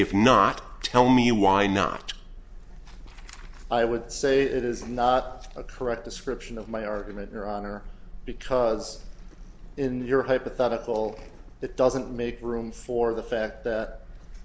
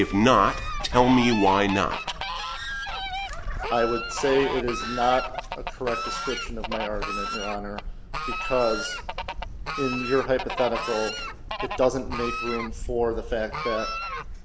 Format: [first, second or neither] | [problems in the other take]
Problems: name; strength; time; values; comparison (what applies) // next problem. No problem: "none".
first | background sound (Fowl); 6 dB below the speech